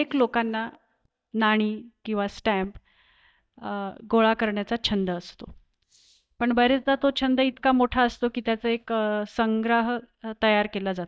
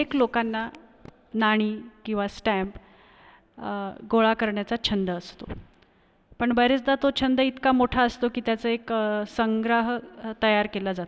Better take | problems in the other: second | noise reduction (neural mask model DeepFilterNet 3)

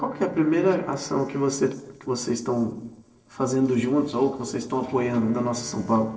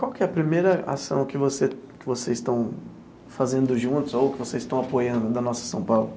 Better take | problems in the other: second | noise reduction (neural separator model SepFormer DNS4)

